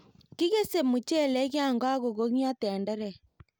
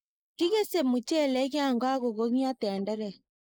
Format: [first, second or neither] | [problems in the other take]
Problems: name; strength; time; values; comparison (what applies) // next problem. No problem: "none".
first | noise reduction (neural mask model Resemble Enhance denoiser)